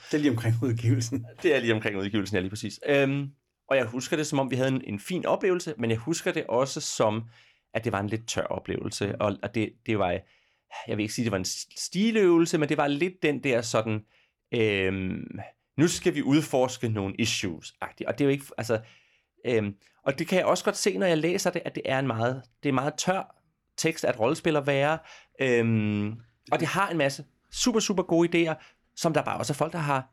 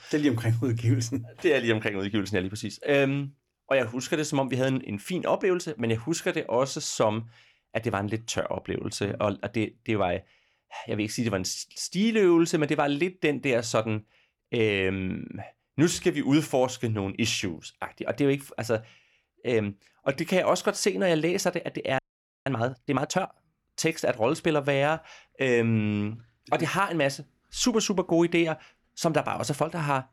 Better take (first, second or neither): first